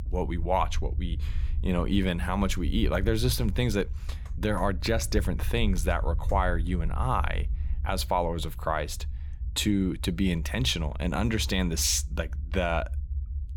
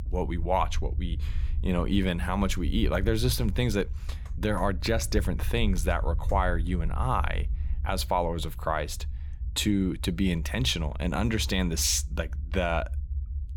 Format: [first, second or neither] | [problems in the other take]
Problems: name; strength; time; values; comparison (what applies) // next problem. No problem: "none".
neither | low rumble; faint; throughout; 20 dB below the speech; the same in both